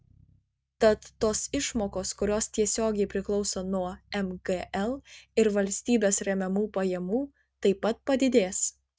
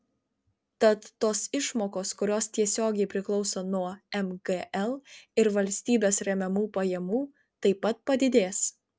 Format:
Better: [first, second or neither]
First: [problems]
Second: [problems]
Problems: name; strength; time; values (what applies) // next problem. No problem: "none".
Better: second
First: noise reduction (neural mask model RNNoise)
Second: none